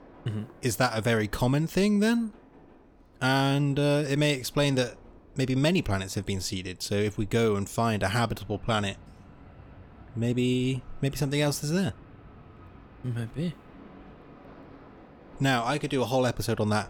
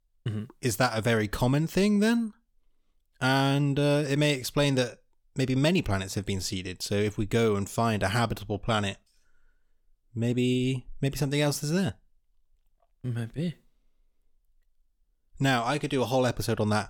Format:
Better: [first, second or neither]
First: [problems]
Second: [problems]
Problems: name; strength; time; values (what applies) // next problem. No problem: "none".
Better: second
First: train or aircraft noise; faint; throughout; 25 dB below the speech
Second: none